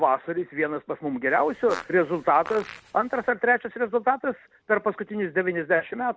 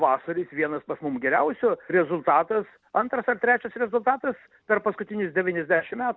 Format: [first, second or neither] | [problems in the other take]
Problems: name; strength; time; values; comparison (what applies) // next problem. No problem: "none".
second | background sound (Fart); 16 dB below the speech